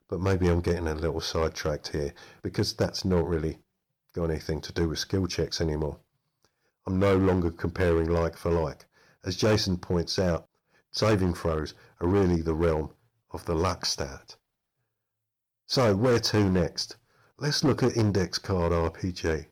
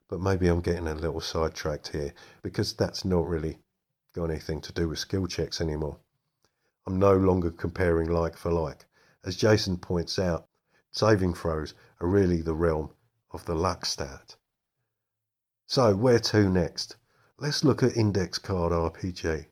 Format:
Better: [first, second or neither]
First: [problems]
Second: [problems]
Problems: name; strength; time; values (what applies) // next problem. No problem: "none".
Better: second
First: distortion; slight; 5% of the sound clipped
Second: none